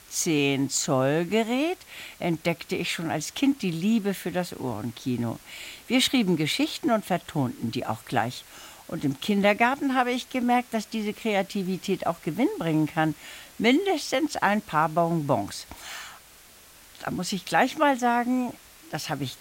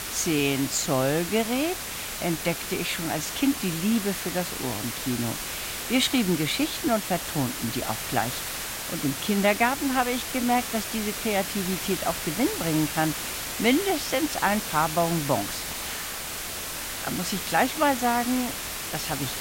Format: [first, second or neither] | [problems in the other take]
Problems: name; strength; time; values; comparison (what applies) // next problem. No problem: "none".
first | hiss; loud; throughout; 4 dB below the speech; faint in the first